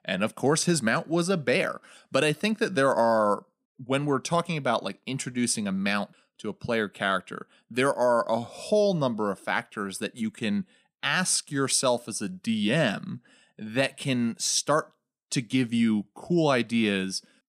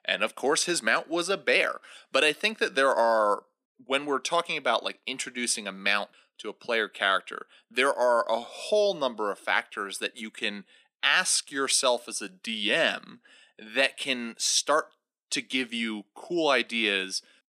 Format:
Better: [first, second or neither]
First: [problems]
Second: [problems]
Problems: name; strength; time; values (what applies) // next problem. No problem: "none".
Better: first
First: none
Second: thin; somewhat; fading below 300 Hz